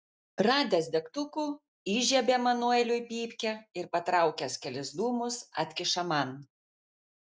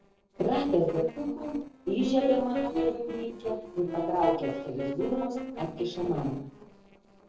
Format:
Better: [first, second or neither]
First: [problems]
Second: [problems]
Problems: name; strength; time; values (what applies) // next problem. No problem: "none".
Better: first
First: none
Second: noise reduction (neural separator model SepFormer DNS4)